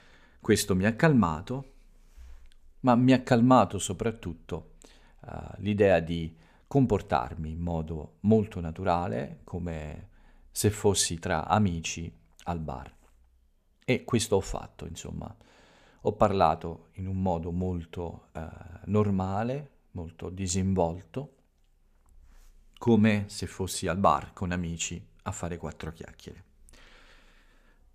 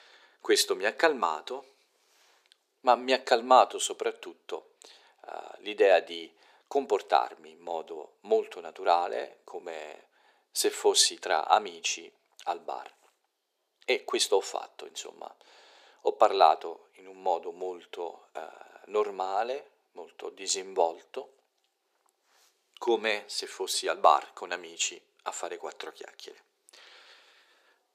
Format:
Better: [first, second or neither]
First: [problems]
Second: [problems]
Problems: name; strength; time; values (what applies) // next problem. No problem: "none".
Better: first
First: none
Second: thin; very; fading below 350 Hz